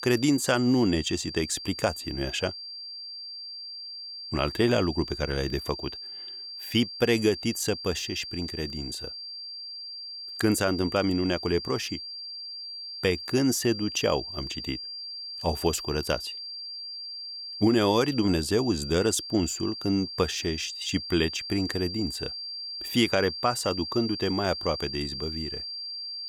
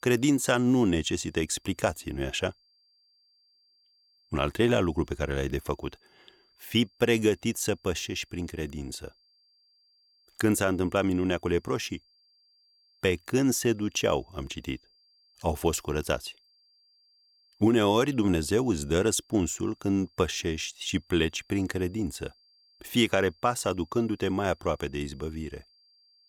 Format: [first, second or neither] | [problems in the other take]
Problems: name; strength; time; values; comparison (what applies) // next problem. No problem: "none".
second | high-pitched whine; loud; throughout; 4.5 kHz, 8 dB below the speech; faint in the second